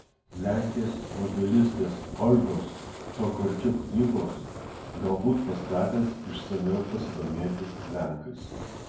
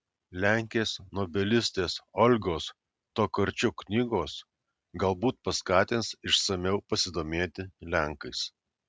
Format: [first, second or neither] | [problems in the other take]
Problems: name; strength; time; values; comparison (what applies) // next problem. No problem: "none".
second | background sound (Fire); 11 dB below the speech // room echo; dies away in 0.9 s